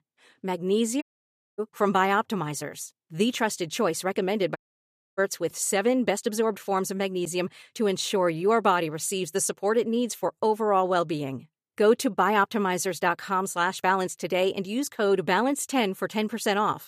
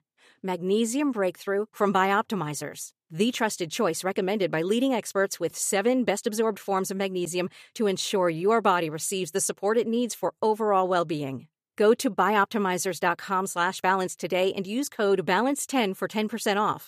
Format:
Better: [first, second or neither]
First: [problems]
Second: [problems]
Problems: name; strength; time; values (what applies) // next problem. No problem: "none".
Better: second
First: audio cutting out; at 1 s for 0.5 s and at 4.5 s for 0.5 s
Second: none